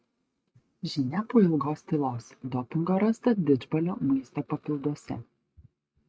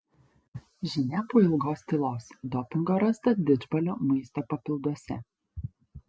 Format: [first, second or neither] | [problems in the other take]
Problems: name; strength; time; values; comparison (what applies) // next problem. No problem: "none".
second | noise reduction (neural mask model RNNoise)